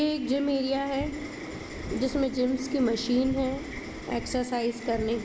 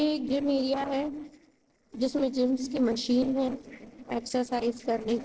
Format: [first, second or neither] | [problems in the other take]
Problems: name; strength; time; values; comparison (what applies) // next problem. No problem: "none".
first | noise reduction (neural separator model SepFormer DNS4)